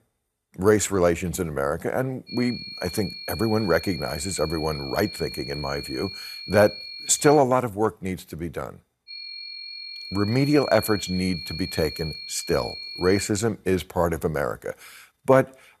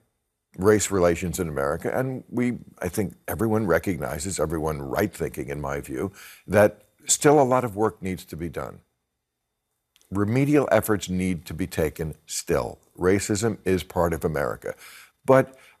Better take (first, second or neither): second